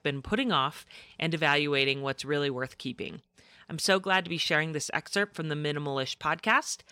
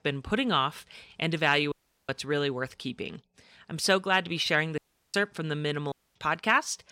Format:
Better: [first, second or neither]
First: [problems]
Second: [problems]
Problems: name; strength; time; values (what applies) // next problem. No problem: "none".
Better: first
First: none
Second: audio cutting out; at 1.5 s, at 5 s and at 6 s